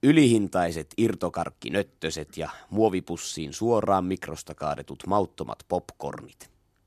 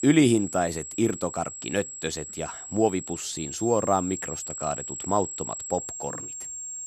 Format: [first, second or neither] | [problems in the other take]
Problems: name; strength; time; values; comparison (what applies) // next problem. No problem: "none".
first | high-pitched whine; loud; throughout; 7.5 kHz, 7 dB below the speech